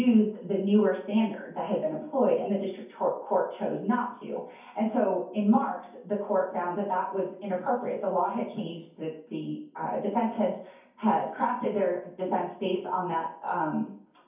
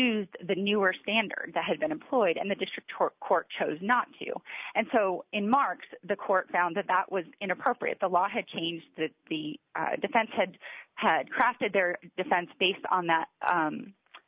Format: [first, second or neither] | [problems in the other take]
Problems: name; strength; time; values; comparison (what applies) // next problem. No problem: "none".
second | room echo; dies away in 0.6 s